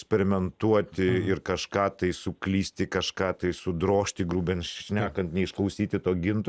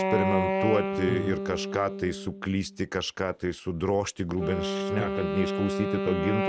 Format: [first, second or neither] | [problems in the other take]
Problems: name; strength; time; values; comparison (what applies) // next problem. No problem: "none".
first | background sound (Wind instrument, woodwind instrument); 2 dB below the speech